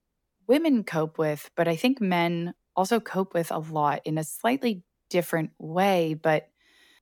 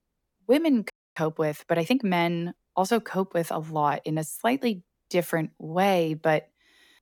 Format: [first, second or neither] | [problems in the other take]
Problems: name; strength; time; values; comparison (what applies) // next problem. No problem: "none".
first | audio freezing; at 1 s